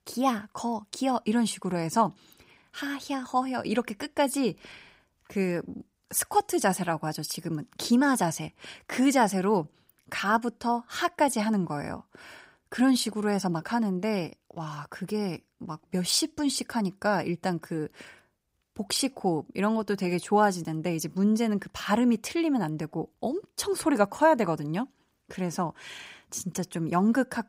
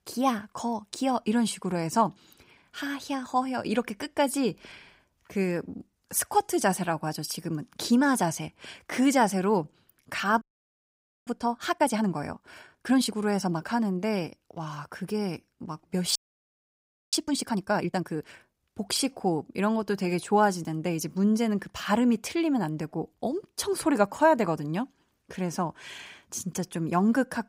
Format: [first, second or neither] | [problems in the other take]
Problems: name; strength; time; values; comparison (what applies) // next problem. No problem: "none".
first | audio freezing; at 10 s for 1 s and at 16 s for 1 s